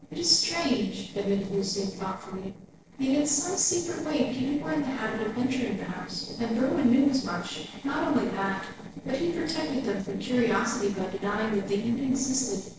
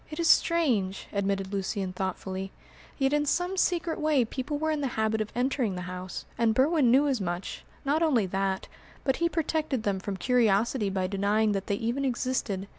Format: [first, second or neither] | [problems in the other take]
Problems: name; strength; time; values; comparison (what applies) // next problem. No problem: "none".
second | noise reduction (neural separator model SepFormer DNS4)